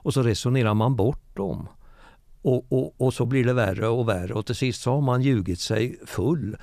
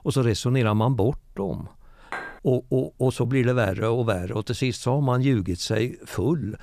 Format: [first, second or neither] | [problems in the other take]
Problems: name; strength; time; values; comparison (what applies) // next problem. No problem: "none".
first | clattering dishes; faint; at 2 s; peak 10 dB below the speech